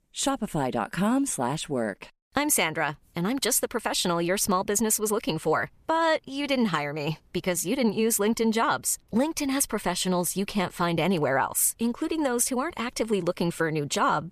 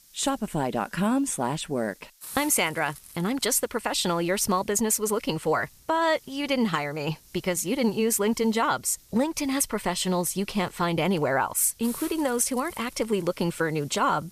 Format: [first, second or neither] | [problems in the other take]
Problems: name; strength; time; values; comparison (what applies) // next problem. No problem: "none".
first | hiss; faint; throughout; 20 dB below the speech